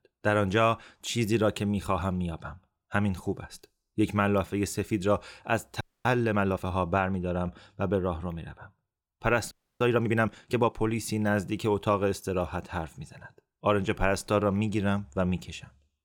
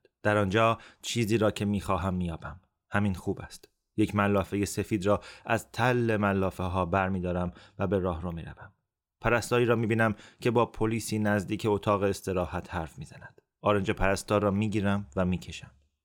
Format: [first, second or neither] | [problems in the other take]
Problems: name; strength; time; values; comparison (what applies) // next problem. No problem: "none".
second | audio freezing; at 6 s and at 9.5 s